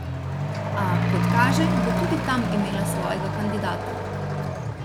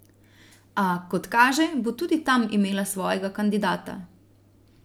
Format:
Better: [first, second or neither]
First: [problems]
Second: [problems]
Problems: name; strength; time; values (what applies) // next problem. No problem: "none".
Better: second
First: background sound (Accelerating, revving, vroom / Truck); 4 dB above the speech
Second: none